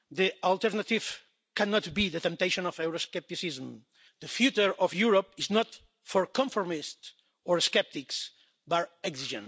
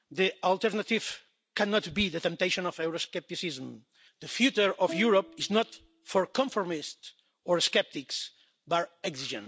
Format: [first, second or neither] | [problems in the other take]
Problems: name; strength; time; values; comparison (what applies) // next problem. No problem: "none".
first | background sound (Bowed string instrument); 15 dB below the speech